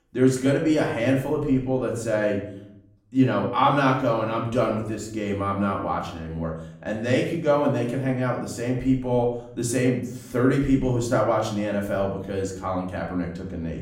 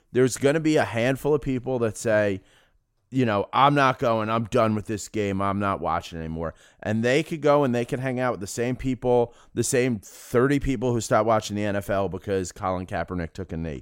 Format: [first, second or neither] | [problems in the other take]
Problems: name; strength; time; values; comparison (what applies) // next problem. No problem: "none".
second | room echo; slight; dies away in 0.6 s // off-mic speech; far